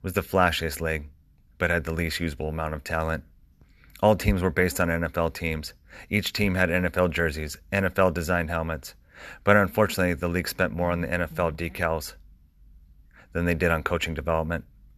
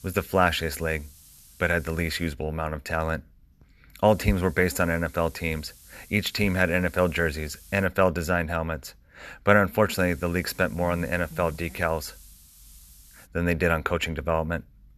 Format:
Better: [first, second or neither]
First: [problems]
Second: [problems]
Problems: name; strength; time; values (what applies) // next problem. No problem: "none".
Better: first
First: none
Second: hiss; faint; until 2.5 s, from 4 to 8 s and from 10 to 13 s; 25 dB below the speech